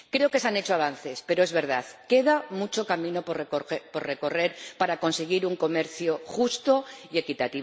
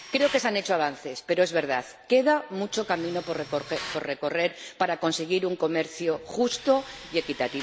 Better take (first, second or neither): first